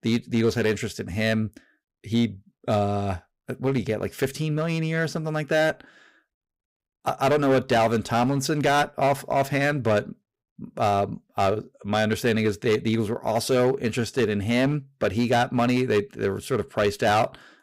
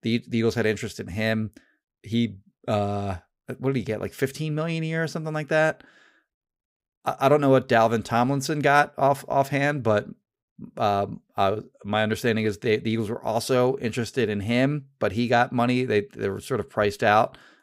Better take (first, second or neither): second